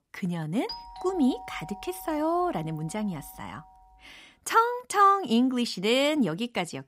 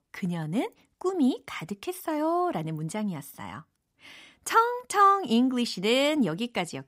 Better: second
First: doorbell; faint; from 0.5 to 3.5 s; peak 10 dB below the speech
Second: none

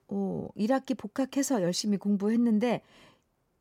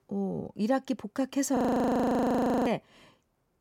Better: first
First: none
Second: audio freezing; at 1.5 s for 1 s

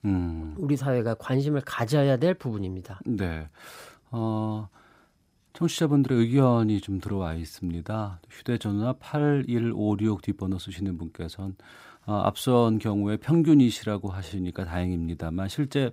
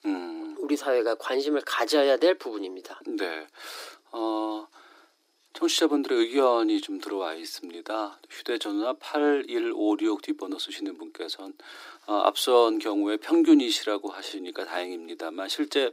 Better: first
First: none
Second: thin; somewhat; fading below 300 Hz

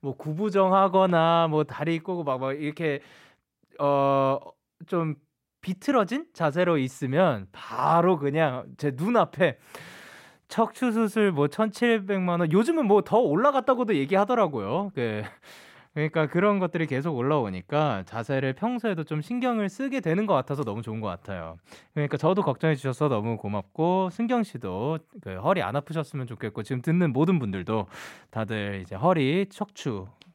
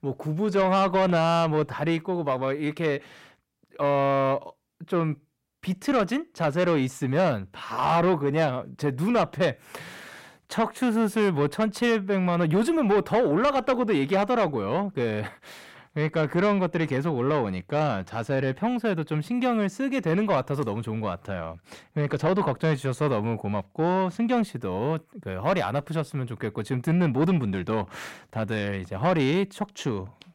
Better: first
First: none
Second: distortion; slight; 10 dB below the speech

